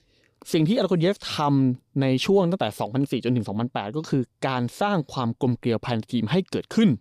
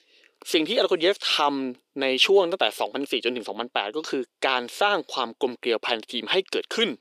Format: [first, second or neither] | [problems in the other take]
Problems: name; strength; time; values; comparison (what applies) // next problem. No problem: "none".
first | thin; somewhat; fading below 350 Hz